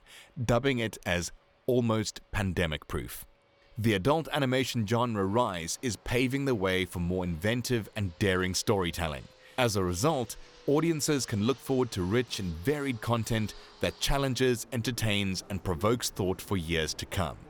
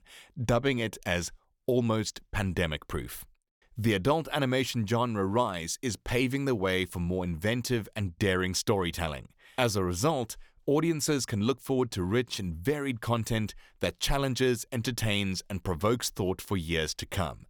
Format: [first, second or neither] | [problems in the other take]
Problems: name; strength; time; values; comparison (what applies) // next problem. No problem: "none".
second | train or aircraft noise; faint; throughout; 25 dB below the speech